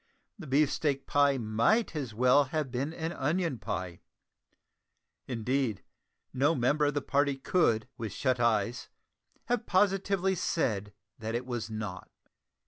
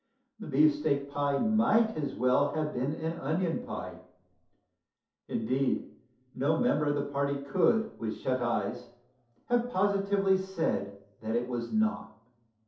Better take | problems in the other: first | room echo; dies away in 0.5 s

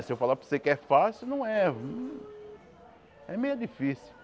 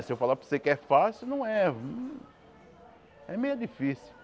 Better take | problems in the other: second | background sound (Telephone); 16 dB below the speech

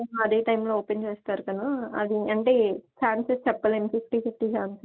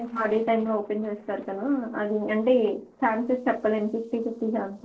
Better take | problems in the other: first | noise reduction (neural separator model SepFormer DNS4)

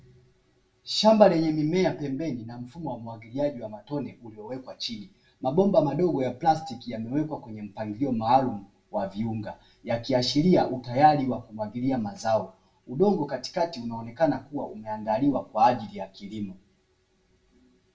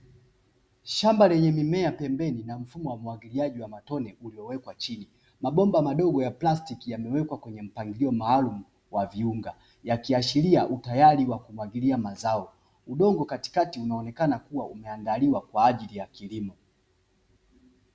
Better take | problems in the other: second | room echo; dies away in 0.2 s

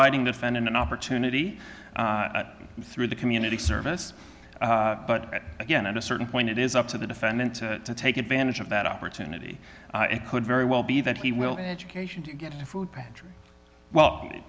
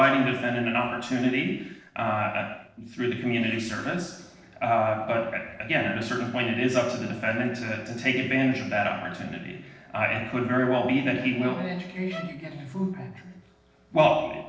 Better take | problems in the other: first | noise reduction (neural separator model SepFormer DNS4)

